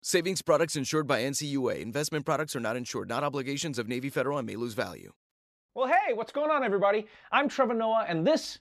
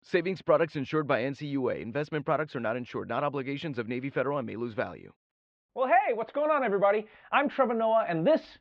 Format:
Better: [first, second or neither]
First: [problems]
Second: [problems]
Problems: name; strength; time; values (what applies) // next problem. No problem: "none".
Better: first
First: none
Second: muffled; very; fading above 3 kHz